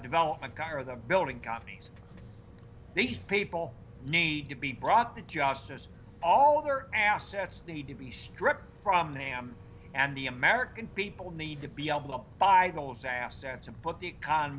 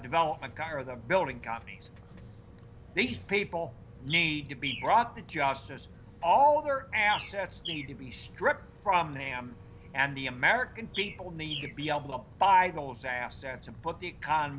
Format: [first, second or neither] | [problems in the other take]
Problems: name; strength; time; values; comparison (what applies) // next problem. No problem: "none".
first | background sound (Bird); 14 dB below the speech